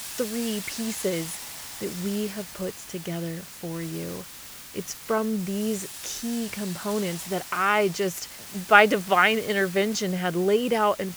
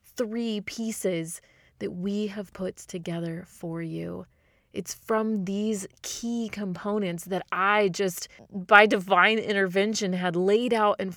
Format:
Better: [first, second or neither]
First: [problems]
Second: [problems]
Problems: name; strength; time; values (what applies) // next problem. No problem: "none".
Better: second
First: hiss; noticeable; throughout; 10 dB below the speech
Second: none